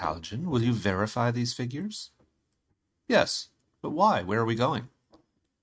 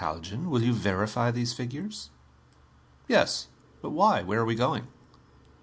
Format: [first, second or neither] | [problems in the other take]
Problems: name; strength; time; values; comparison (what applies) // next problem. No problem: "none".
second | noise reduction (neural mask model RNNoise)